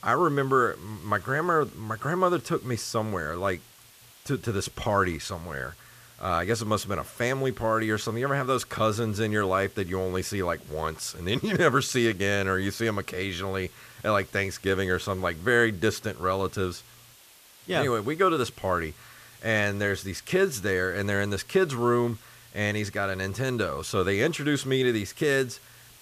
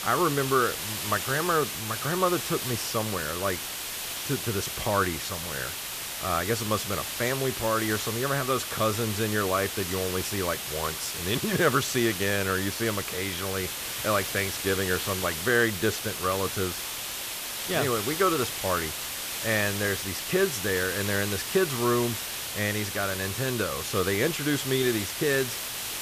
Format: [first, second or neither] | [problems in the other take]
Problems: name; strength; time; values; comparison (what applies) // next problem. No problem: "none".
first | hiss; loud; throughout; 3 dB below the speech; faint in the first